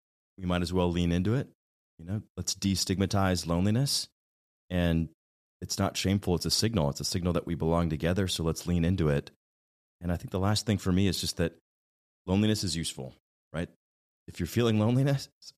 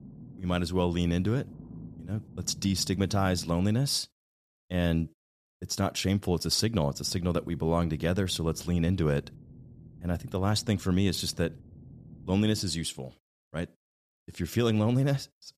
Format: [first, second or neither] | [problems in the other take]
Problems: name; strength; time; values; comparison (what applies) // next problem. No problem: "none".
first | low rumble; faint; until 3.5 s and from 7 to 13 s; 25 dB below the speech